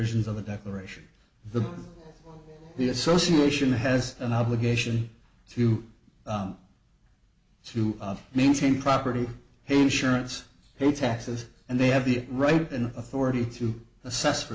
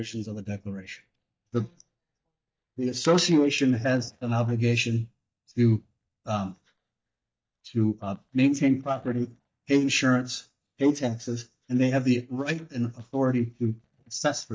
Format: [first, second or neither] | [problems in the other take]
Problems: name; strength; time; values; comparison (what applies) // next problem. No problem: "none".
first | noise reduction (neural mask model DeepFilterNet 3)